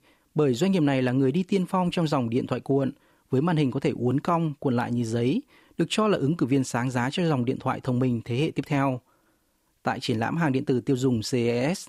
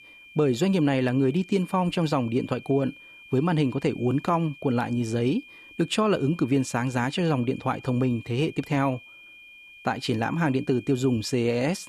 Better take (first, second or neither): first